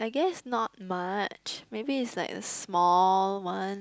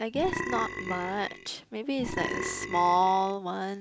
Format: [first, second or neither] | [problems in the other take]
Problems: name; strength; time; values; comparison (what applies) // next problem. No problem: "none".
first | background sound (Burping, eructation); 6 dB below the speech